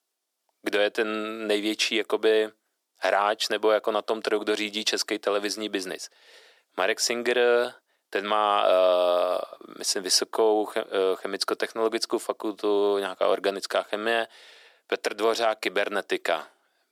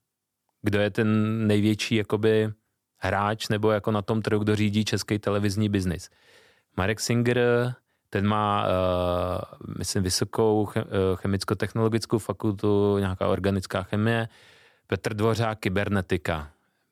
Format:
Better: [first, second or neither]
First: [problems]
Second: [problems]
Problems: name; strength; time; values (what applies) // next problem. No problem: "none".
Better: second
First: thin; very; fading below 350 Hz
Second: none